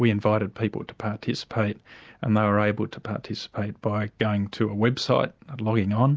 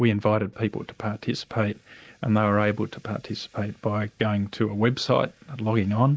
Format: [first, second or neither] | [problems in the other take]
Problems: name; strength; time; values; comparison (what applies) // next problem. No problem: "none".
first | noise reduction (neural mask model Resemble Enhance denoiser)